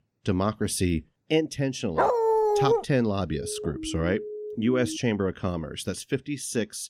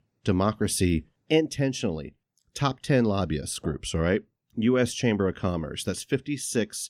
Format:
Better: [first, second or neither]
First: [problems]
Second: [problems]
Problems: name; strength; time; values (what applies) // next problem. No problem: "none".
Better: second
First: dog barking; loud; at 2 s; peak 6 dB above the speech // siren; noticeable; from 3.5 to 5 s; peak 8 dB below the speech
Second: none